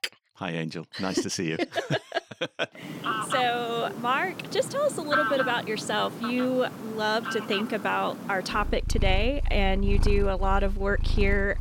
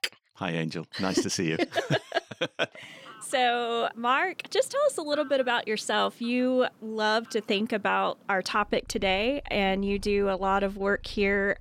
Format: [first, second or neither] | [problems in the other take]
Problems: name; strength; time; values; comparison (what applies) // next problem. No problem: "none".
second | animal sounds; loud; from 3 s on; 4 dB below the speech; faint in the second